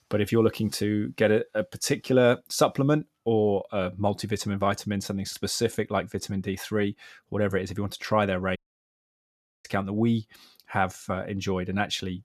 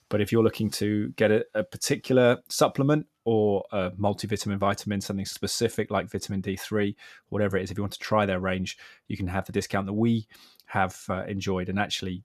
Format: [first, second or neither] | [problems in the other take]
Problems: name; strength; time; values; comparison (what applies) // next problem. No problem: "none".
second | audio cutting out; at 8.5 s for 1 s